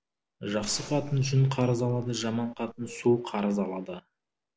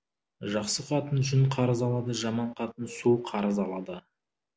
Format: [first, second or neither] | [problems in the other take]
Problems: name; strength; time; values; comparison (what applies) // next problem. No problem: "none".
second | background sound (Gunshot, gunfire); 17 dB below the speech